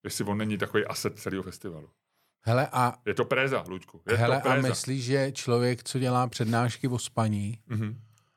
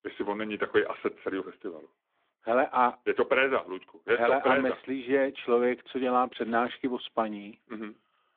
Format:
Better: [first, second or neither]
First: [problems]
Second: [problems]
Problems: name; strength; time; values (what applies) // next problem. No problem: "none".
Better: first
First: none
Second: phone-call audio